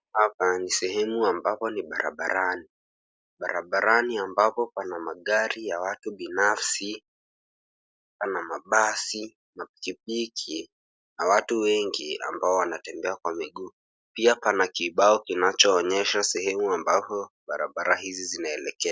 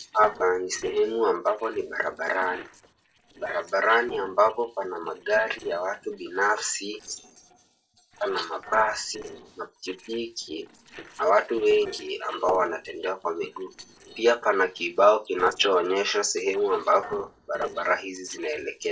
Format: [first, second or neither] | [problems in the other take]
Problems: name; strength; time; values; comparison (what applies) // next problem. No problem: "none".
first | noise reduction (neural separator model SepFormer DNS4)